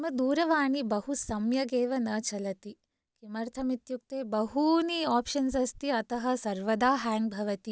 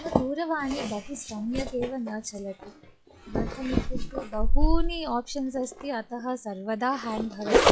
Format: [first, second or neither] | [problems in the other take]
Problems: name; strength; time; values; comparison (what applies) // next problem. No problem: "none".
first | noise reduction (classical method log-MMSE)